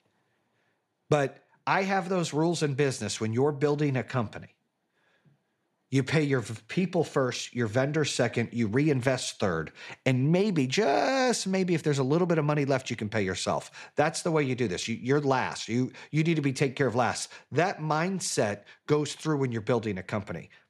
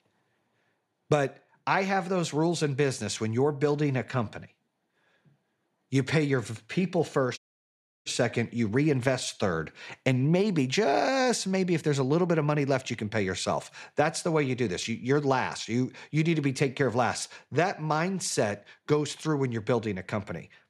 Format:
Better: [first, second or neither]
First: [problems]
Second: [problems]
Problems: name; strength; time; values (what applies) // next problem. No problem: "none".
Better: first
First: none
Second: audio cutting out; at 7.5 s for 0.5 s